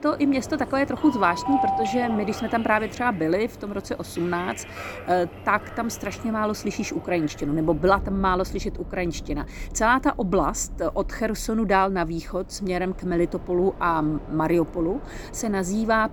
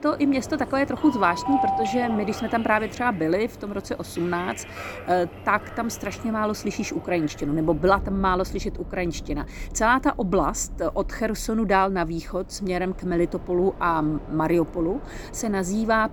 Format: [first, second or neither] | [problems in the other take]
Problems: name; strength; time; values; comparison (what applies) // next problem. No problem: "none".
neither | train or aircraft noise; noticeable; throughout; 10 dB below the speech; the same in both